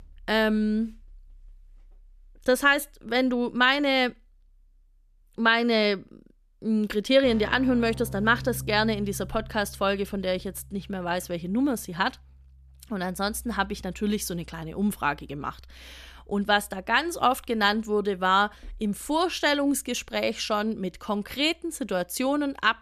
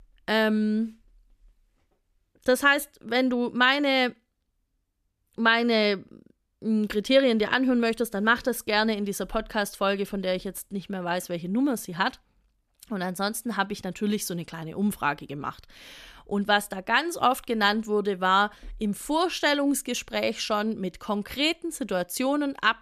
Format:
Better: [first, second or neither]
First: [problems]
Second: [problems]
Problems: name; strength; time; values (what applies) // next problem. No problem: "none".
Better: second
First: background music; noticeable; throughout; 20 dB below the speech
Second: none